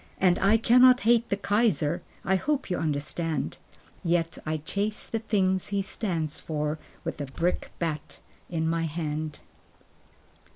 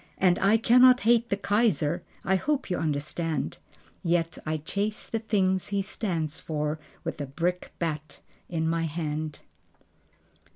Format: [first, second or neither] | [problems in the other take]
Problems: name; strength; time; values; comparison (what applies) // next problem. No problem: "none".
second | background sound (Bird); 15 dB below the speech